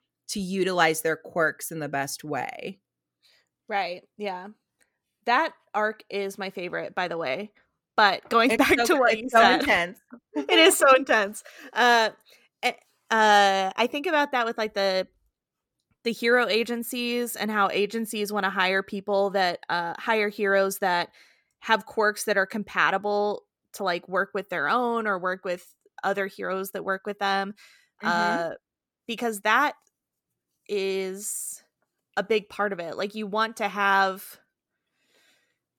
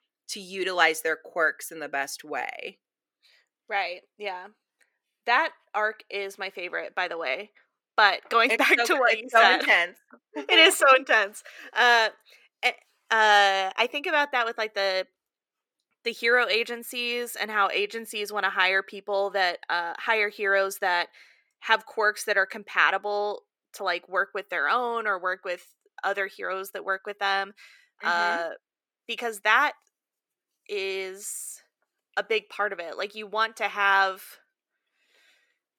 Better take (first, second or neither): first